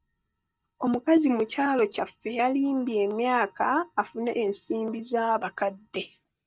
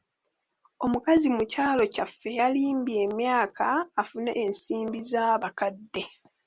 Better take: second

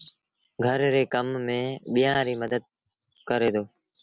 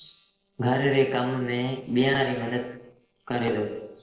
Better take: first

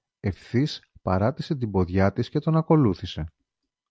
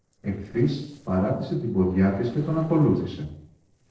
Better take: first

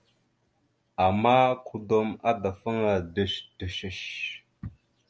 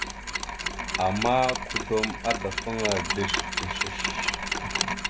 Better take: first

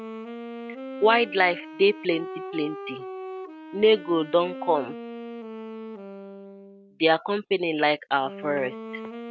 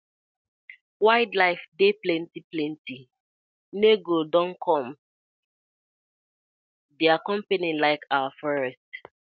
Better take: second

